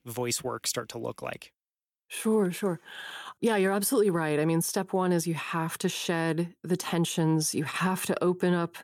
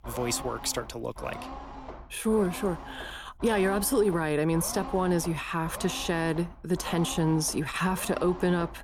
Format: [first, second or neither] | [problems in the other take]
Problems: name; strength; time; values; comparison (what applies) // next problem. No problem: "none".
first | low rumble; noticeable; throughout; 10 dB below the speech